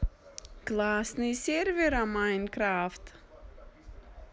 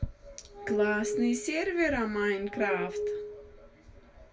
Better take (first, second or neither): first